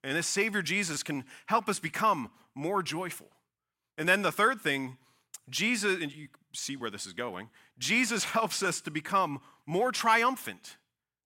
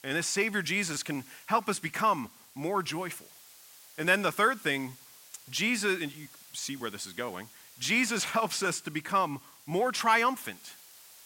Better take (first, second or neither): first